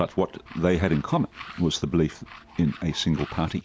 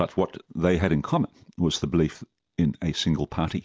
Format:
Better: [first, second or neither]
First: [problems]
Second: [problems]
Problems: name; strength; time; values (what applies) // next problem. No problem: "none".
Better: second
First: background sound (Tools); 20 dB below the speech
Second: none